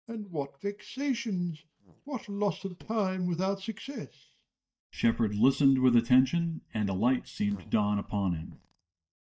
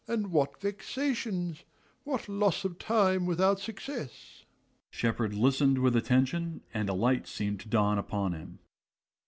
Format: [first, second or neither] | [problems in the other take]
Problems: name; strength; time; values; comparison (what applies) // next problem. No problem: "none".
second | noise reduction (neural mask model DeepFilterNet 3)